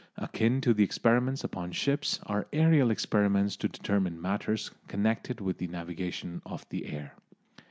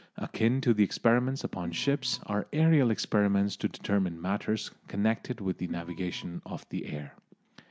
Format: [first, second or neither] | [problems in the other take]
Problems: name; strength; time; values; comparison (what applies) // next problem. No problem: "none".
first | background sound (Organ); 16 dB below the speech